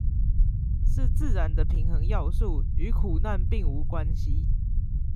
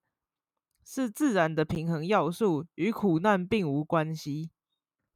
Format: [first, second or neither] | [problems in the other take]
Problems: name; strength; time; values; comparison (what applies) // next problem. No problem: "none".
second | low rumble; loud; throughout; 8 dB below the speech